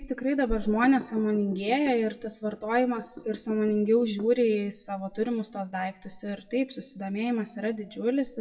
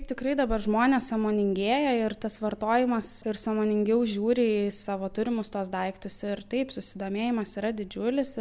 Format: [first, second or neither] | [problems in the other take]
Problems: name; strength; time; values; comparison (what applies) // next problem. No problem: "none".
second | noise reduction (classical method WPE with log-MMSE)